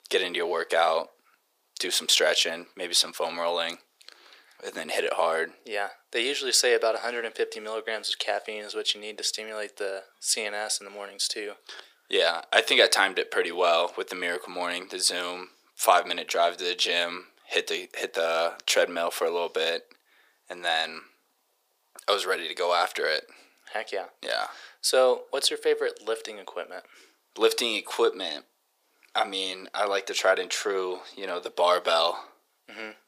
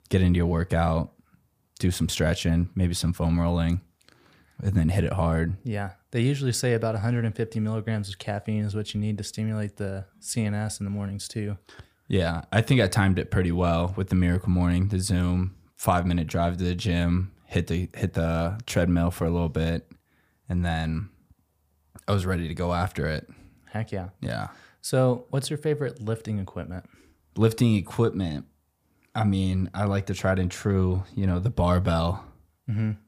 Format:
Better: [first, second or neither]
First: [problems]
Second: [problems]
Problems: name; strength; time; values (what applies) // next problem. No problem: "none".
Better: second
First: thin; very; fading below 400 Hz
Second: none